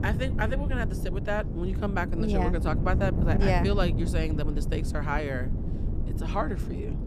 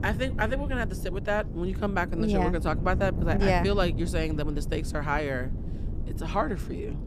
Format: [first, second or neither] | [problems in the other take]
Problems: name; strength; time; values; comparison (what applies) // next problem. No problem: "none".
second | wind noise on the microphone; heavy; 9 dB below the speech; occasional gusts in the second